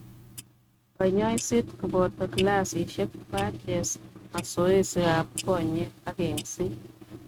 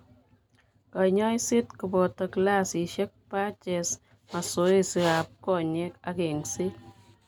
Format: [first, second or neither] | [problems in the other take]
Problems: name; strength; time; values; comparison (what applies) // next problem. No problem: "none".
second | noise reduction (neural mask model RNNoise)